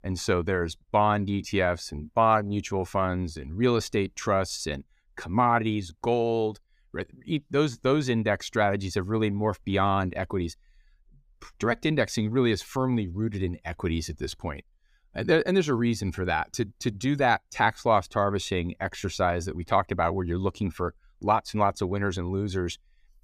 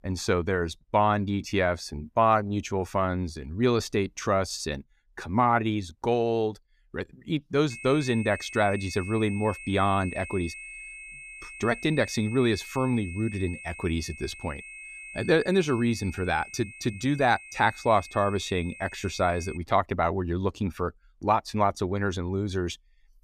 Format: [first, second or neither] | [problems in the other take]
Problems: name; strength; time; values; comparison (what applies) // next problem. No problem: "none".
first | high-pitched whine; noticeable; from 7.5 to 20 s; 2.5 kHz, 15 dB below the speech